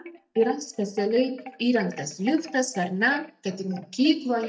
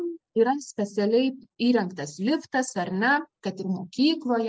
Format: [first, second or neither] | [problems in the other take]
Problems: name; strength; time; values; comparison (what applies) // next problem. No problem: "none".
second | noise reduction (neural mask model DeepFilterNet 3)